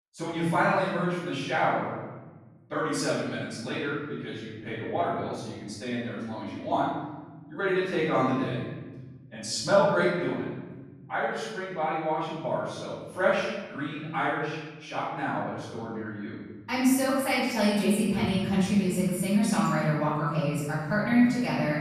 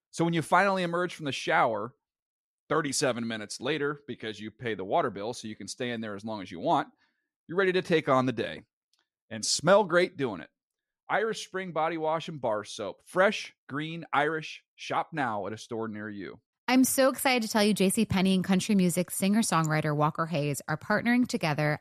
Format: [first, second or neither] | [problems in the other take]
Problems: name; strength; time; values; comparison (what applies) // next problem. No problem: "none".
second | off-mic speech; far // room echo; strong; dies away in 1.9 s